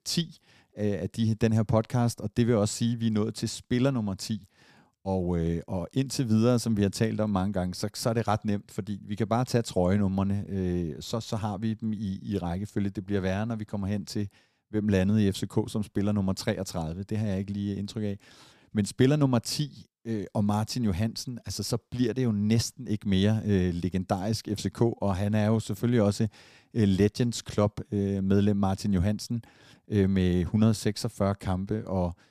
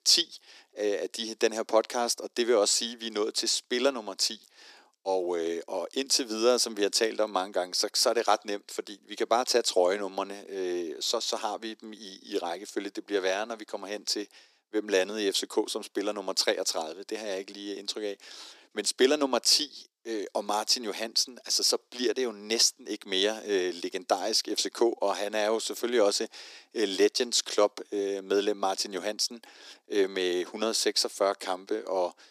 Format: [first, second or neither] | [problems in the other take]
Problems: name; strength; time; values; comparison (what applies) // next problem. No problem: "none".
first | thin; very; fading below 300 Hz